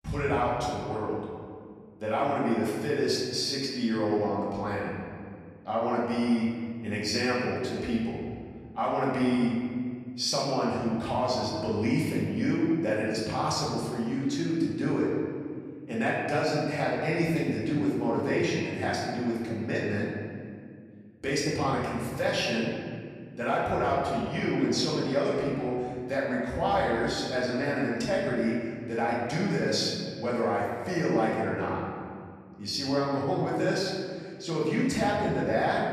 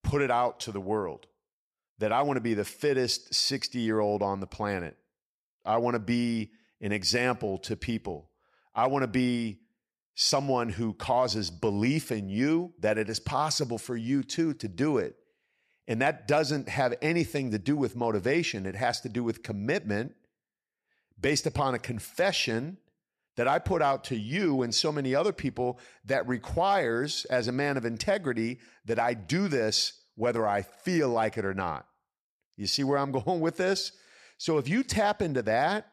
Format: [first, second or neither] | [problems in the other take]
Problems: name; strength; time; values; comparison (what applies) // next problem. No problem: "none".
second | room echo; noticeable; dies away in 2 s // off-mic speech; far